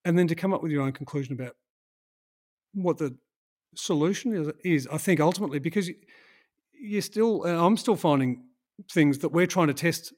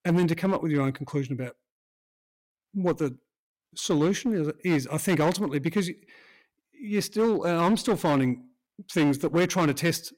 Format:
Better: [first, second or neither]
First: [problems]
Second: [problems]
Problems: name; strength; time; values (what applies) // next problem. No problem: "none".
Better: first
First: none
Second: distortion; slight; 8% of the sound clipped